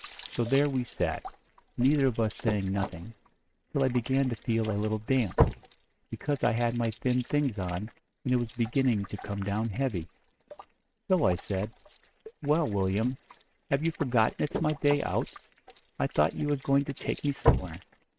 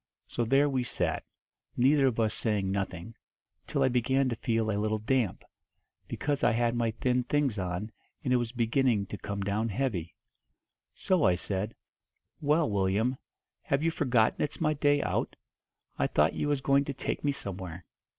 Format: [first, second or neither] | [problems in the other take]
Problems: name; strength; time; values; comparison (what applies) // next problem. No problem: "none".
second | noise reduction (neural mask model RNNoise)